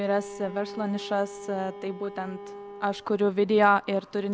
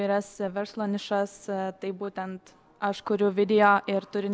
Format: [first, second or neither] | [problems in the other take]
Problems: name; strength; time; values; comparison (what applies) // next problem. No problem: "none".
second | background sound (Bowed string instrument); 15 dB below the speech